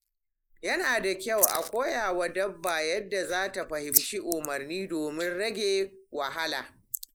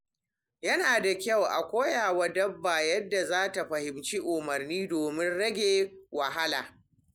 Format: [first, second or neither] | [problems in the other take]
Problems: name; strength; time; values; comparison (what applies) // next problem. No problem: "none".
second | noise reduction (neural mask model Resemble Enhance denoiser)